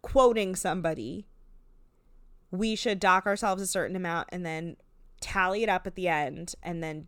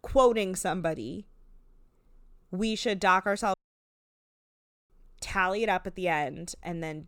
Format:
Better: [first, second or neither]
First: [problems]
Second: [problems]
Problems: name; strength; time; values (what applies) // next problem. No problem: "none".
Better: first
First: none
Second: audio cutting out; at 3.5 s for 1.5 s